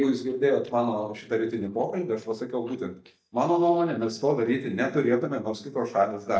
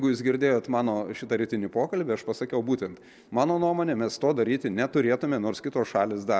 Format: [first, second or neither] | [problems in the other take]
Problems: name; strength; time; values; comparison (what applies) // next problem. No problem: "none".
second | noise reduction (neural mask model DeepFilterNet 3)